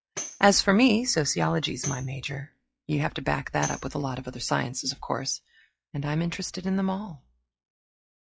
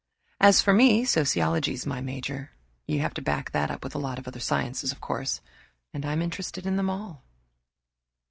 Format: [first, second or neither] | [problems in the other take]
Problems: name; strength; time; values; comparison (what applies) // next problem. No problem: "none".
second | noise reduction (classical method log-MMSE)